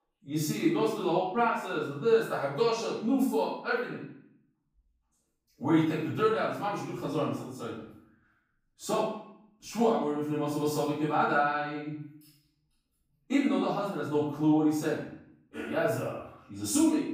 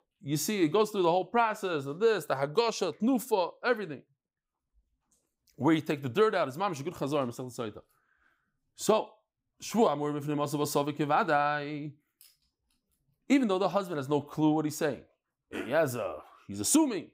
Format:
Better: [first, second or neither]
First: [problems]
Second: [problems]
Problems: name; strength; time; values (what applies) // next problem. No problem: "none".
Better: second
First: off-mic speech; far // room echo; noticeable; dies away in 0.6 s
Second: none